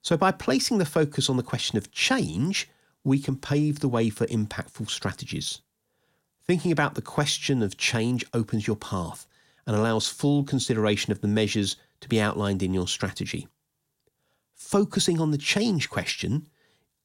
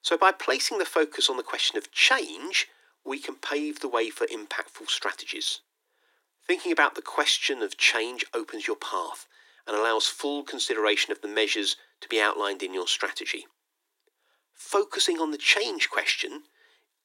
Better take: first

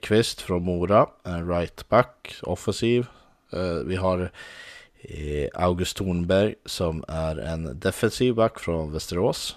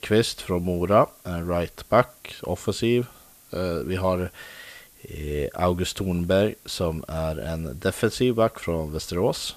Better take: first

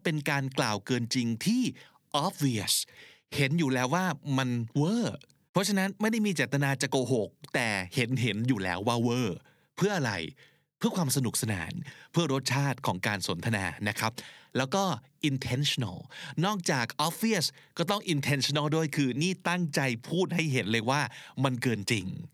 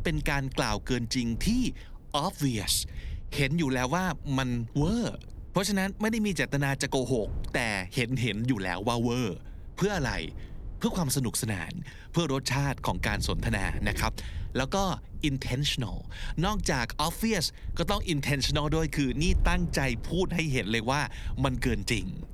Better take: first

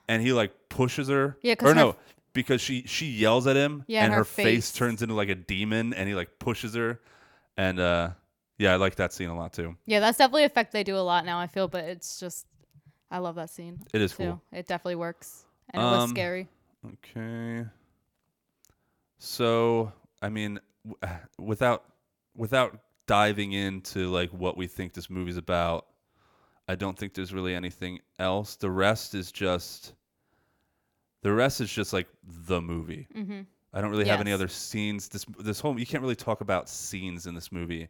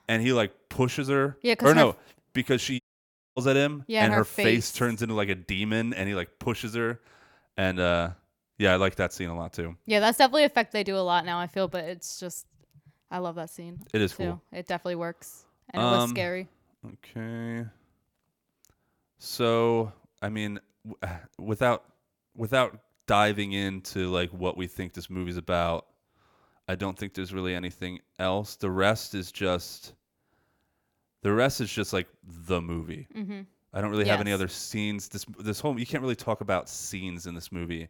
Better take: first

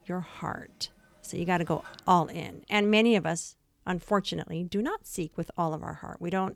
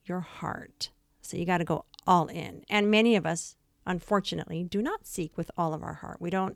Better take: second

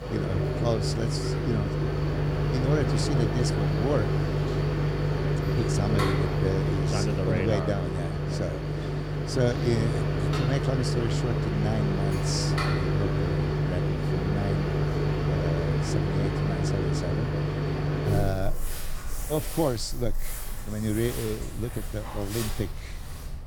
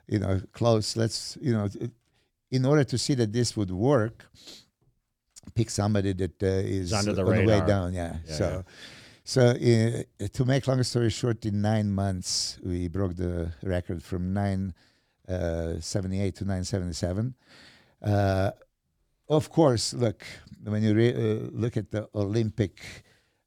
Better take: second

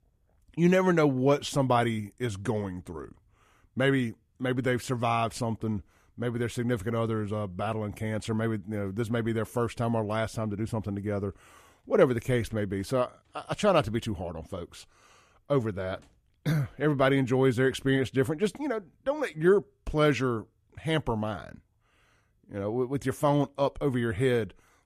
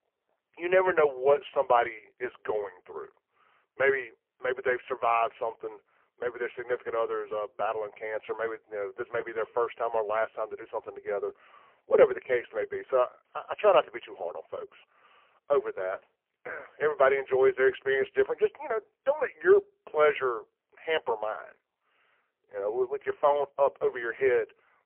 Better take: first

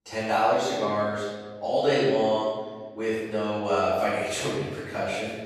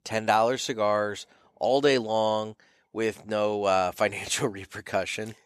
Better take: second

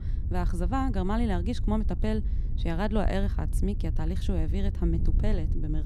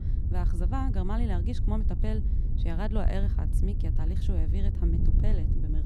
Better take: first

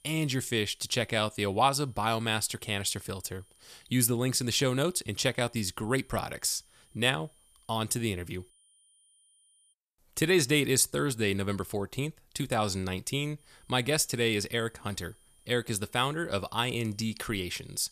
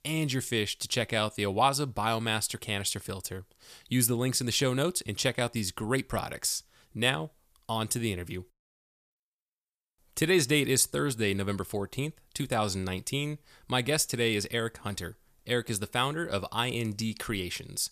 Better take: second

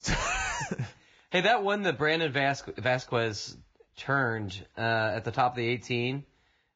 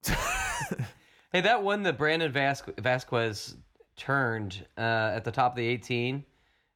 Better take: second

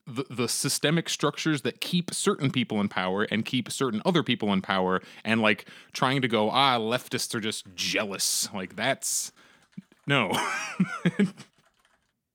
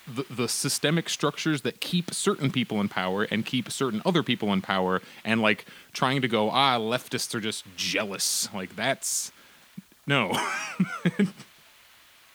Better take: first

